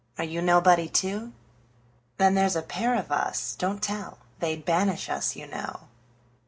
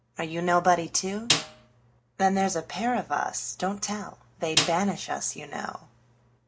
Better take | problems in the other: first | background sound (Snare drum); 1 dB below the speech

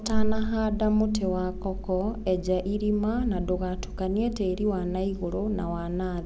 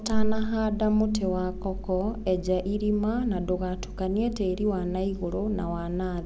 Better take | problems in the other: second | background sound (Boom); 16 dB below the speech

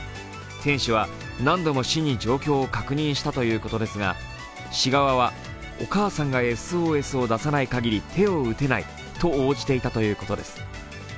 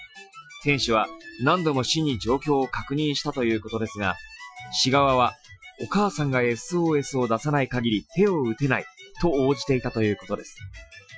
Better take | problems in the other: first | noise reduction (classical method Wiener filter)

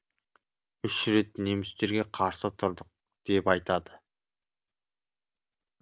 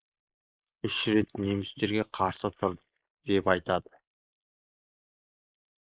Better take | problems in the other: first | noise reduction (neural mask model Resemble Enhance denoiser)

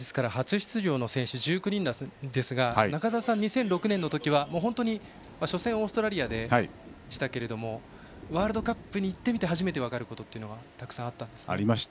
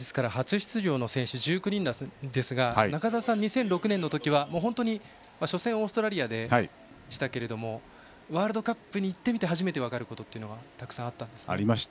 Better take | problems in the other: second | background sound (Thunder); 19 dB below the speech

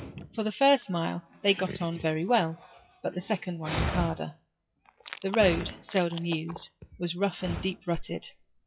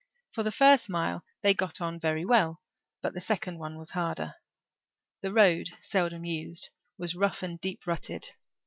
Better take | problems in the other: second | noise reduction (classical method WPE with log-MMSE)

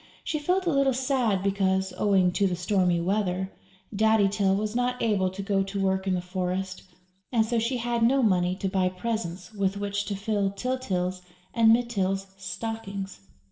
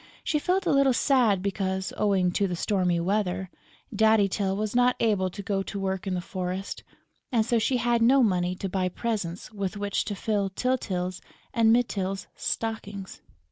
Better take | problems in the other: second | room echo; dies away in 0.6 s

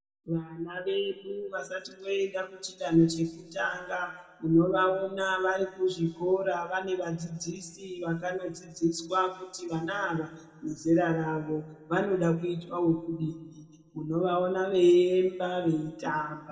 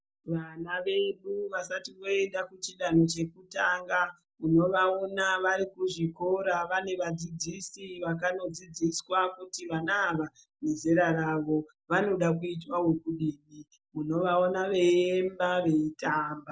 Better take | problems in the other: second | room echo; dies away in 1.3 s

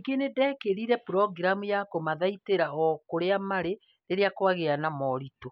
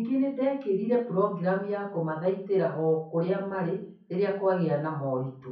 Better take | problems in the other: first | room echo; dies away in 0.6 s

